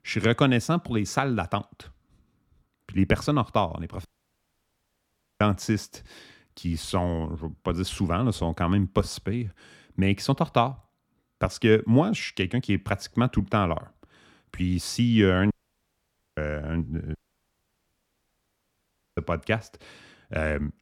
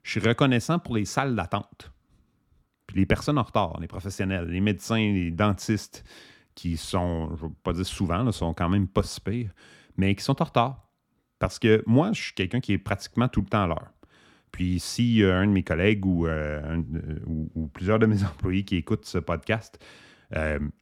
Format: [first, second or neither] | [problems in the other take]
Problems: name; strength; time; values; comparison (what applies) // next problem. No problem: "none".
second | audio cutting out; at 4 s for 1.5 s, at 16 s for 1 s and at 17 s for 2 s